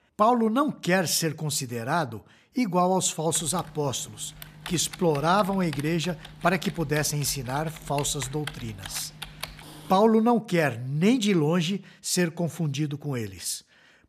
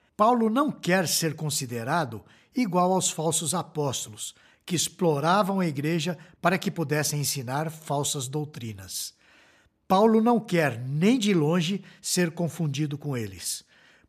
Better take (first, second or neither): second